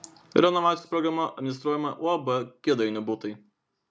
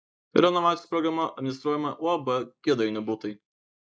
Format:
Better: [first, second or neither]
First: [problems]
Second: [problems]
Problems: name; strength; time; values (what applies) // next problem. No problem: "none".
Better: first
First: none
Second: noise reduction (neural mask model Resemble Enhance denoiser)